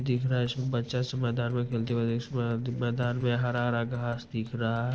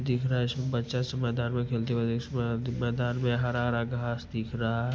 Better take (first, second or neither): second